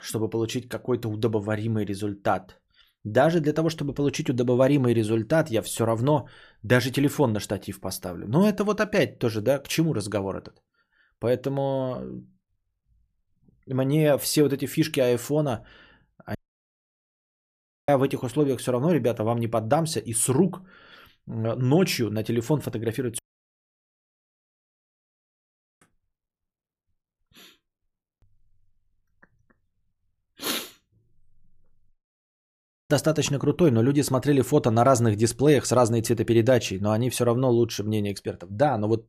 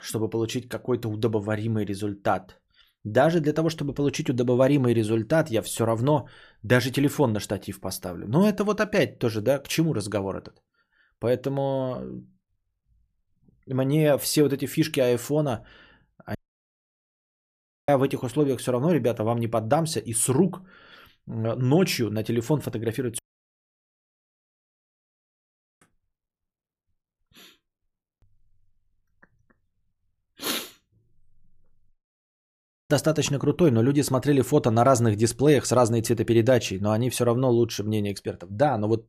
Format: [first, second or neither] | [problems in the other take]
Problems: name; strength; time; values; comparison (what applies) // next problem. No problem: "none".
neither | audio cutting out; at 16 s for 1.5 s, at 23 s for 2.5 s and at 32 s for 1 s; the same in both